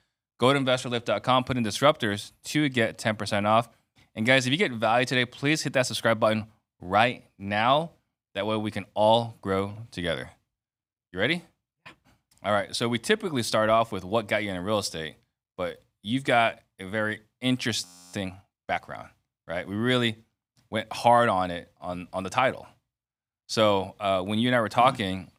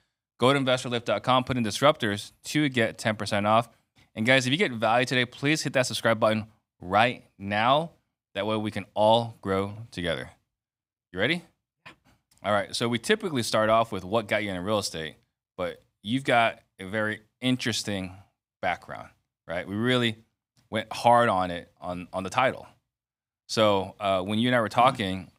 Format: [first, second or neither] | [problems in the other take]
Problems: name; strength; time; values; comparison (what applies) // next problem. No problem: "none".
second | audio freezing; at 18 s